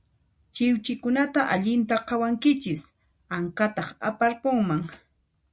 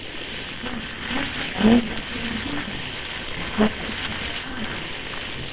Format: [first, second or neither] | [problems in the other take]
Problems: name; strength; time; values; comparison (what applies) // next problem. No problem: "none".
first | noise reduction (neural separator model SepFormer WHAMR!)